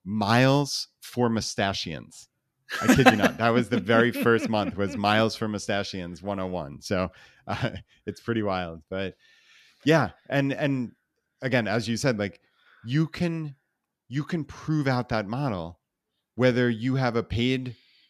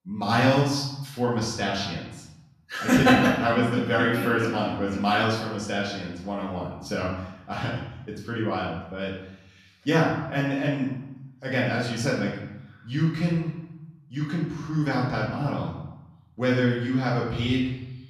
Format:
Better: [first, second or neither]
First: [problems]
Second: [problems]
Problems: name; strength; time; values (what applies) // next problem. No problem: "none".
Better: first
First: none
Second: off-mic speech; far // room echo; noticeable; dies away in 0.8 s